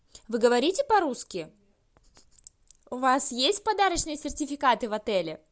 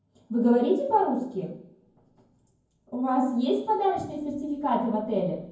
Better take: first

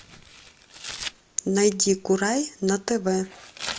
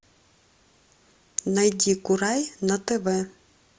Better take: second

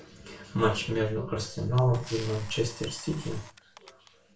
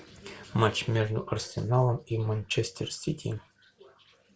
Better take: second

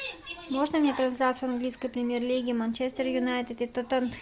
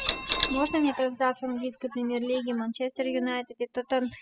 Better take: first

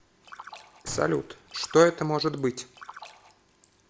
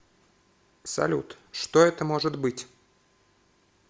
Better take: second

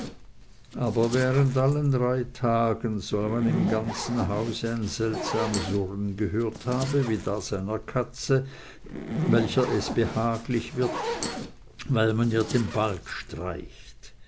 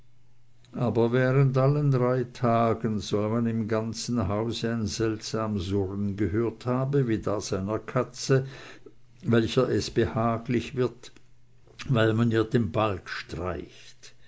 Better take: second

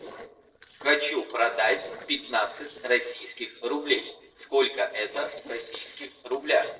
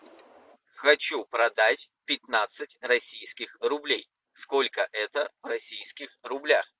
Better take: second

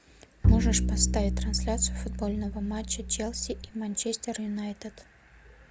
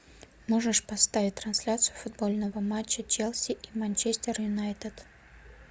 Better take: second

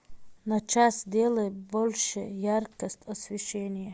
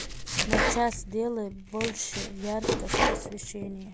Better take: first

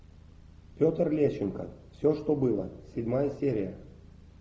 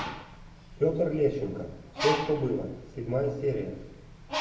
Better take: first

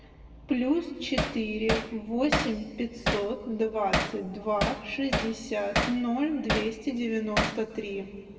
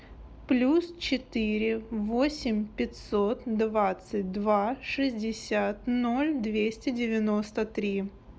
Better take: second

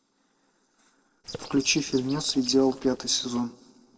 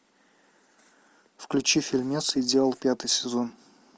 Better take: second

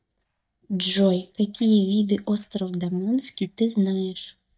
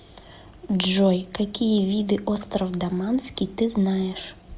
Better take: second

